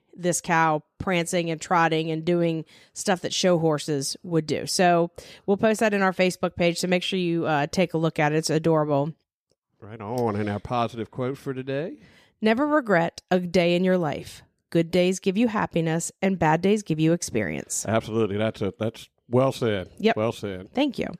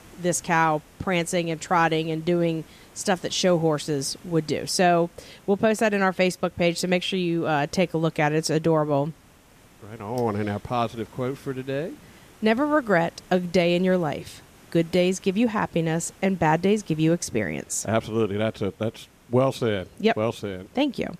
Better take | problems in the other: first | hiss; faint; throughout; 25 dB below the speech

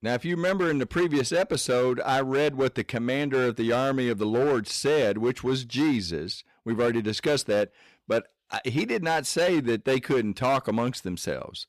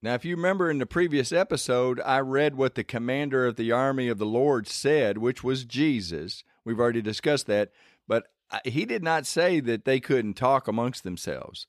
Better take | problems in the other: second | distortion; slight; 11% of the sound clipped

